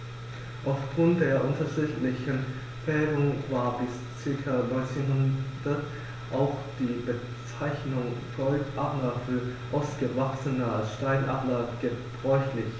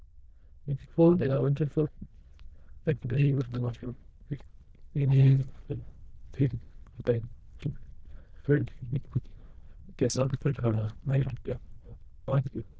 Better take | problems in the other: first | noise reduction (neural diffusion model UNIVERSE++)

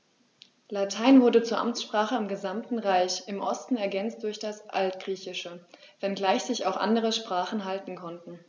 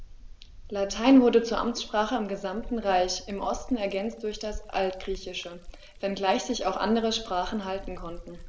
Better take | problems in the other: first | background sound (Liquid); 15 dB below the speech

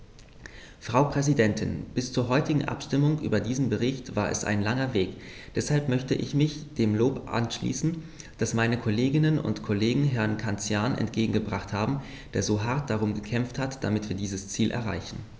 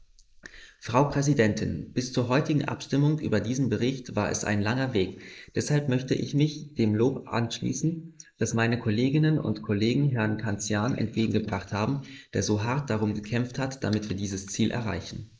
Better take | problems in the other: first | noise reduction (neural mask model Resemble Enhance denoiser)

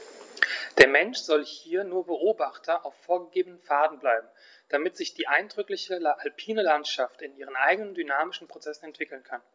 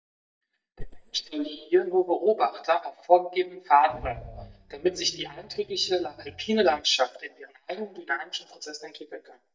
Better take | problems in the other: first | noise reduction (neural mask model DeepFilterNet 3)

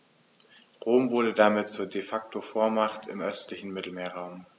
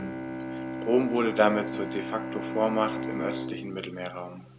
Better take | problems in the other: first | background sound (Bowed string instrument); 5 dB below the speech

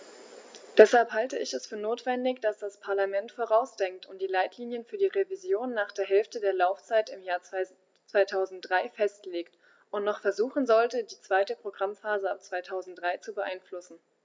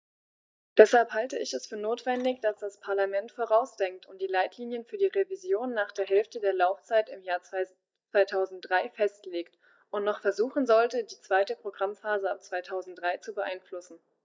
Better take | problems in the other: first | noise reduction (neural mask model DeepFilterNet 3)

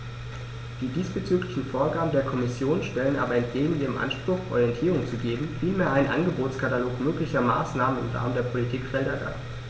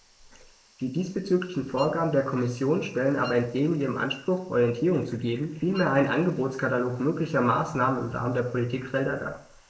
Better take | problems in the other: first | noise reduction (neural mask model Resemble Enhance denoiser)

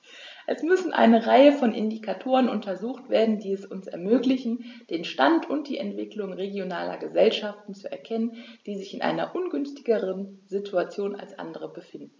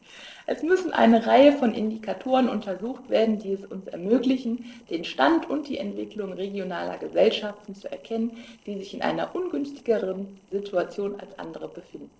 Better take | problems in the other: first | noise reduction (neural separator model SepFormer DNS4)

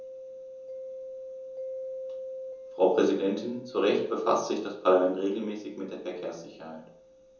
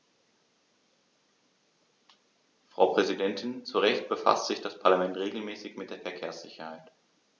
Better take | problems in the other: second | background sound (Mallet percussion); 13 dB below the speech // room echo; dies away in 0.7 s

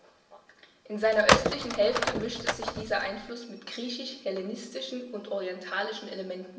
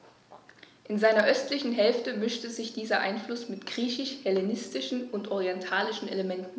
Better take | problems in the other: second | background sound (Telephone); 3 dB above the speech // room echo; dies away in 0.8 s

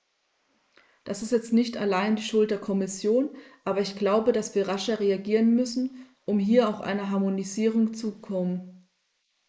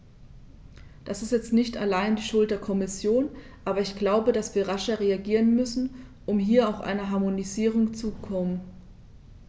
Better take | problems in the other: second | noise reduction (neural mask model Resemble Enhance denoiser)

